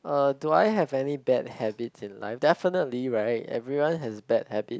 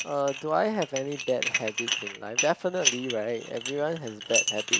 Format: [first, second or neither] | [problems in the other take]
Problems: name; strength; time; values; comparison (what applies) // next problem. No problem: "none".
first | background sound (Dishes, pots, and pans); 2 dB below the speech